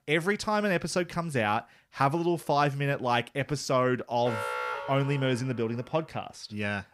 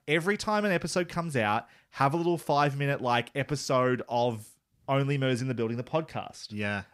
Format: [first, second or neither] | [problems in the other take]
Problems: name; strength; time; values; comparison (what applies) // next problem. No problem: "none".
second | alarm; noticeable; from 4 to 5.5 s; peak 3 dB below the speech